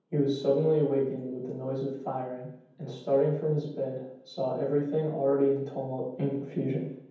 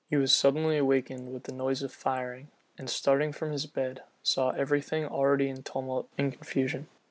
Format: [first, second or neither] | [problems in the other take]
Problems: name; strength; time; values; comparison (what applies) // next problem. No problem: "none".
second | room echo; dies away in 0.9 s